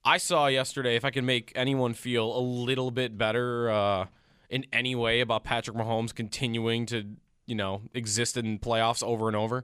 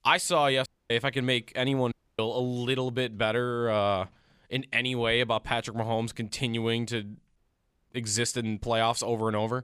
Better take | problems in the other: first | audio cutting out; at 0.5 s, at 2 s and at 7.5 s for 0.5 s

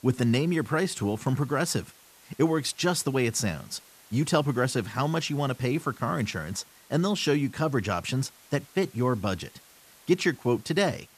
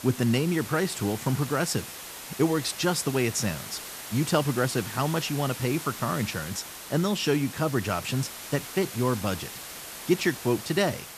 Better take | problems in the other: first | hiss; loud; throughout; 10 dB below the speech; faint in the first

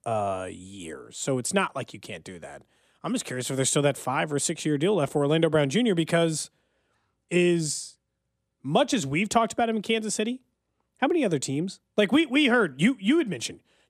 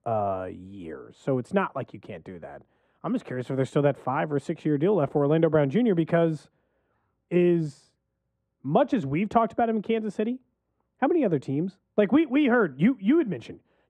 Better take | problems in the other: first | muffled; very; fading above 3 kHz

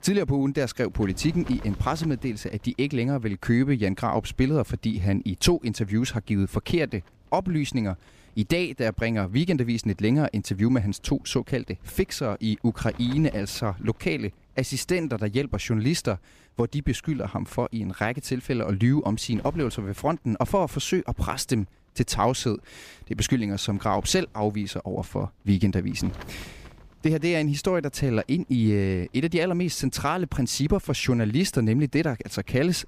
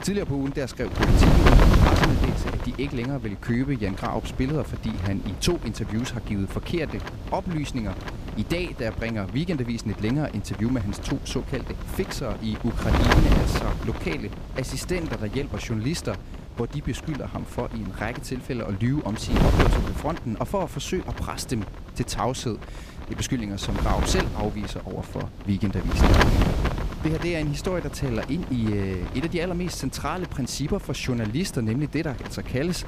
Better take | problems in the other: first | wind noise on the microphone; heavy; 1 dB above the speech; occasional gusts in the first

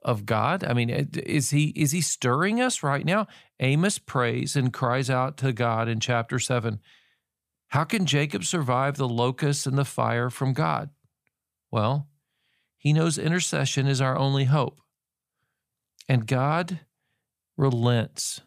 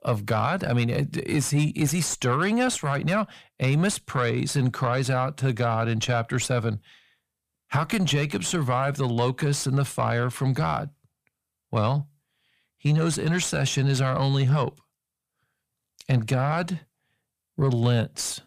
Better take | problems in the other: first | distortion; slight; 10 dB below the speech

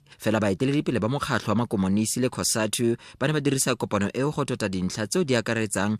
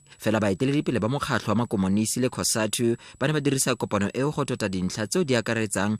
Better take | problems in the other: first | high-pitched whine; faint; throughout; 8 kHz, 30 dB below the speech

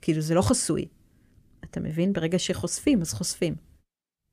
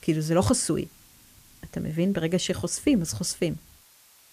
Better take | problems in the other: first | hiss; faint; throughout; 25 dB below the speech

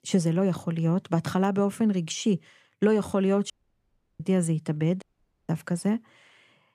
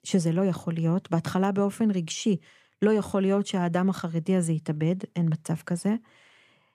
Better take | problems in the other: second | audio cutting out; at 3.5 s for 0.5 s and at 5 s

